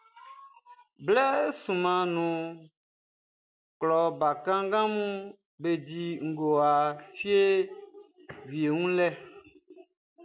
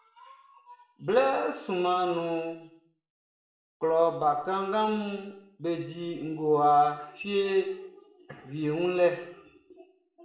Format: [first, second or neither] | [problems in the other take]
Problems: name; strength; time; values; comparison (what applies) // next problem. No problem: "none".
first | room echo; dies away in 0.7 s